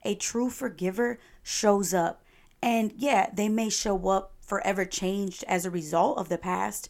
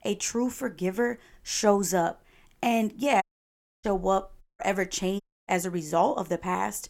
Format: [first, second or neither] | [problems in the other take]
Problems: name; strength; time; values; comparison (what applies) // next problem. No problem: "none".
first | audio cutting out; at 3 s for 0.5 s, at 4.5 s and at 5 s